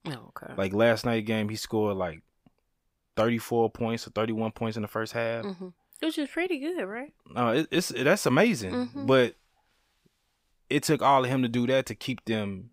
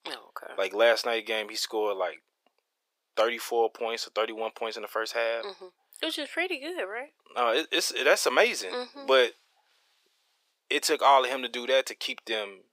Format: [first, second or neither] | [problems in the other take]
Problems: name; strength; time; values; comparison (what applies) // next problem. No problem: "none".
first | thin; very; fading below 400 Hz